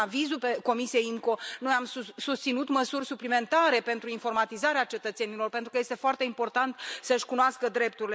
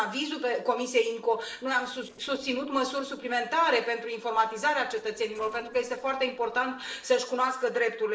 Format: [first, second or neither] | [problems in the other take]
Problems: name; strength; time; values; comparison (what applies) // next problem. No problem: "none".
first | noise reduction (neural separator model SepFormer DNS4)